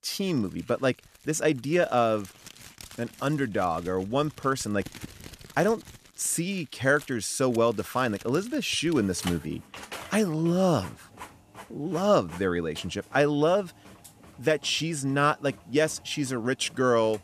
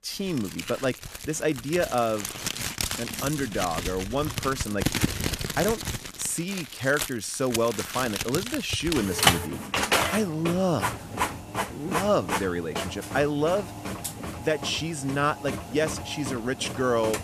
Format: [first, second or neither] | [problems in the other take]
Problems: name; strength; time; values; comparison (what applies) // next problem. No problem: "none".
first | household noises; loud; throughout; 2 dB below the speech; faint in the first